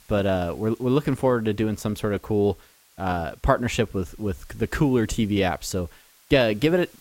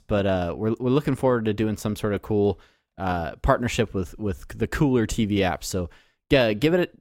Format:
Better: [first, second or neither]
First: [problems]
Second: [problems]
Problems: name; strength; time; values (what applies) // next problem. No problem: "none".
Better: second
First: hiss; faint; throughout; 30 dB below the speech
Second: none